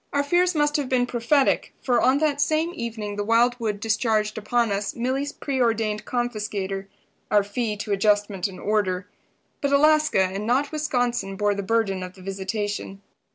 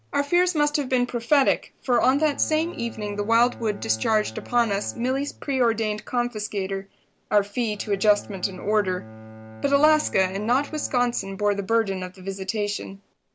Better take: first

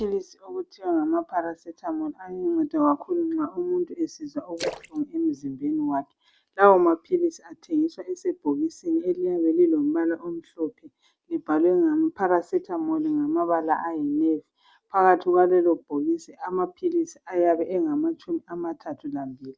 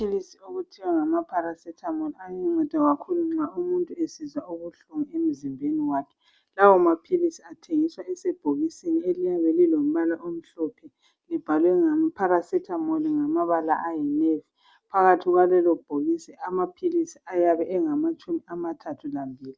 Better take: second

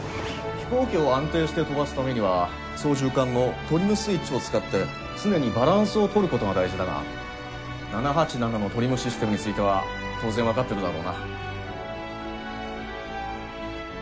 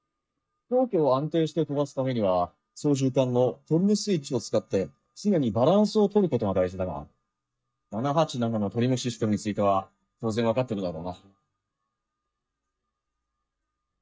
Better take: first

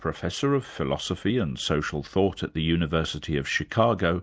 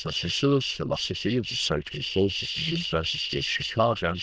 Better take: first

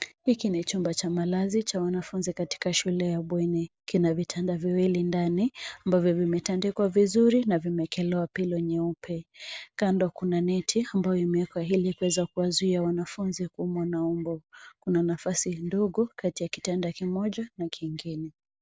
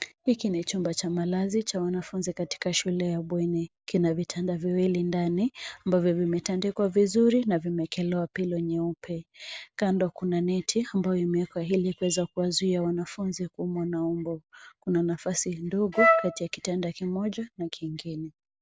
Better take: first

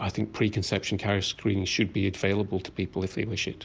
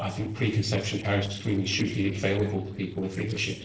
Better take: first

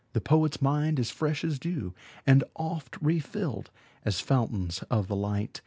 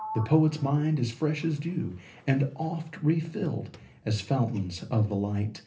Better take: first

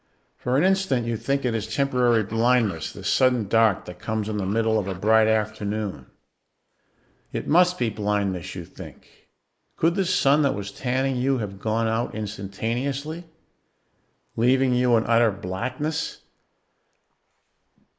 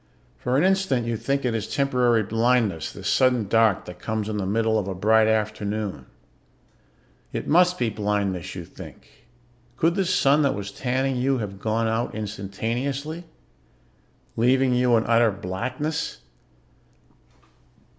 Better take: second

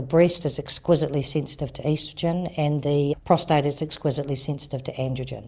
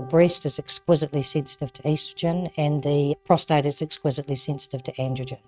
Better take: first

